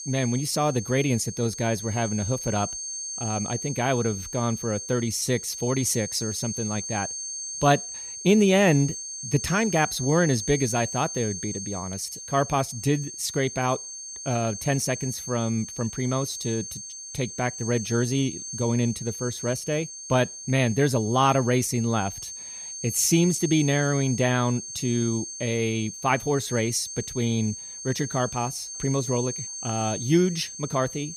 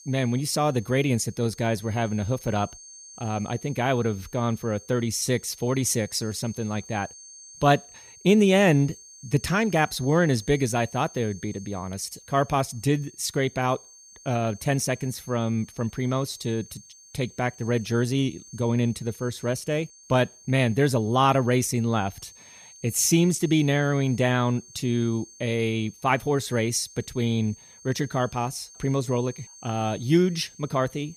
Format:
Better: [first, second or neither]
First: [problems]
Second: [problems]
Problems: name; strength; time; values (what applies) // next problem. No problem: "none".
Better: second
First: high-pitched whine; loud; throughout; 6.5 kHz, 8 dB below the speech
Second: high-pitched whine; faint; throughout; 6.5 kHz, 20 dB below the speech